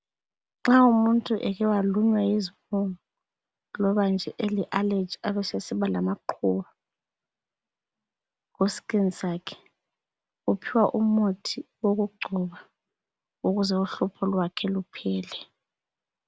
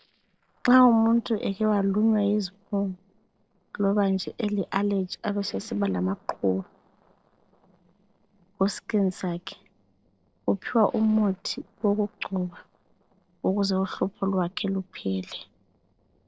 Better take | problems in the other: first | noise reduction (neural separator model SepFormer DNS4)

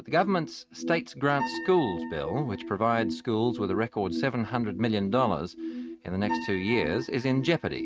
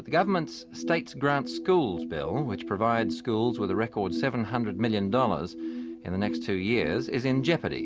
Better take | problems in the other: second | noise reduction (neural mask model RNNoise)

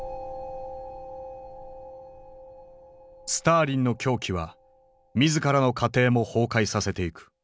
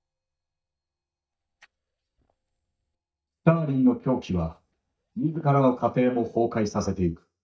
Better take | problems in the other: first | noise reduction (neural mask model DeepFilterNet 3)

